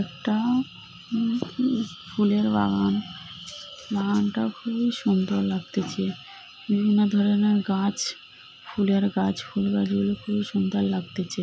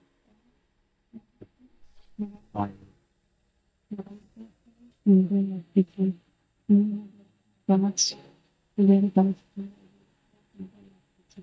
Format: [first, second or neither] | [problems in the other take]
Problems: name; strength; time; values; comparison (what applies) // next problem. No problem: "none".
first | noise reduction (neural mask model DeepFilterNet 3)